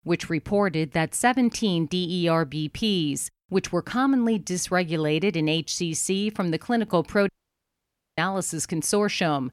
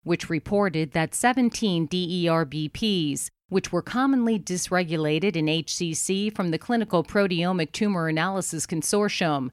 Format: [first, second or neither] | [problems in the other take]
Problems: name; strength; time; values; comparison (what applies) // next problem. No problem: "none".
second | audio cutting out; at 7.5 s for 1 s